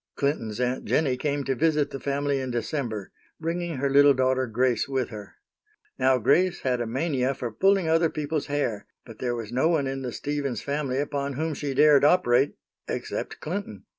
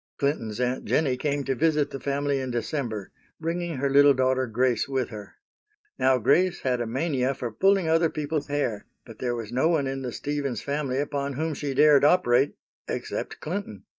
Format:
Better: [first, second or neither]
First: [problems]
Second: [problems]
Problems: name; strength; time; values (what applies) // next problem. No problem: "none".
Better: first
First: none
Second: noise reduction (neural mask model DeepFilterNet 3)